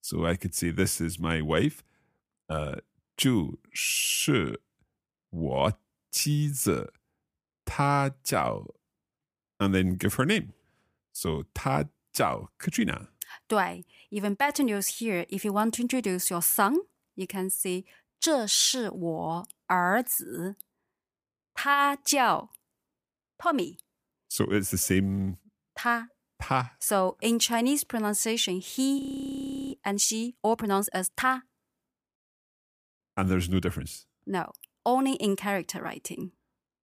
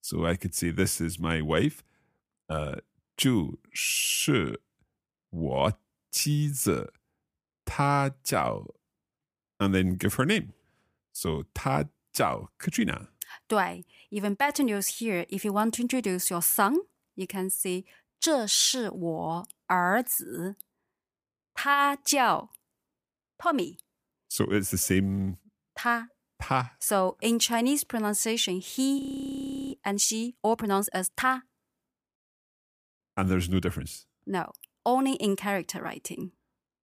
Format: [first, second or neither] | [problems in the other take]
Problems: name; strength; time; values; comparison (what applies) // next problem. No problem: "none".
neither | audio freezing; at 29 s for 0.5 s; the same in both